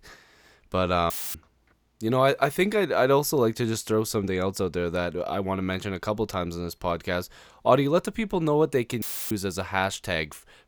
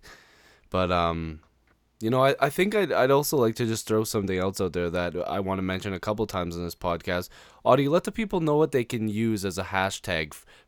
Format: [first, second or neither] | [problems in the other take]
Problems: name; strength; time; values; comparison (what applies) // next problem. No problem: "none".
second | audio cutting out; filled with static; at 1 s and at 9 s